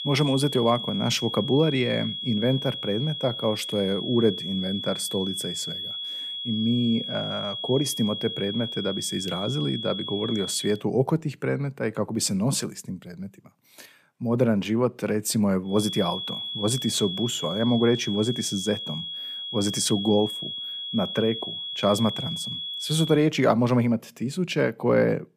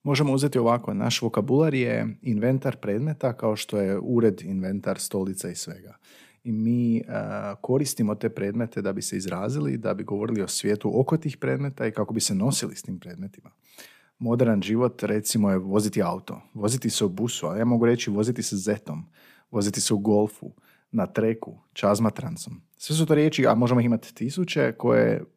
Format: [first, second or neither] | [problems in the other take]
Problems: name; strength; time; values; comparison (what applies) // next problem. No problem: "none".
second | high-pitched whine; loud; until 11 s and from 16 to 23 s; 3.5 kHz, 5 dB below the speech